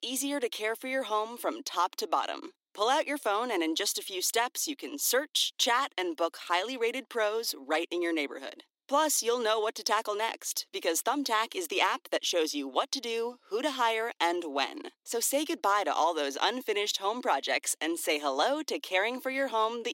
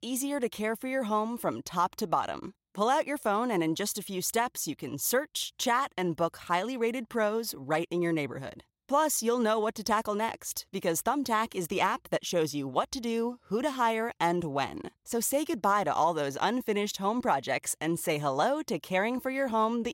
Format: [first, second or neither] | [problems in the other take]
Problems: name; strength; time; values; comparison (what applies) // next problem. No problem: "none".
second | thin; very slightly; fading below 250 Hz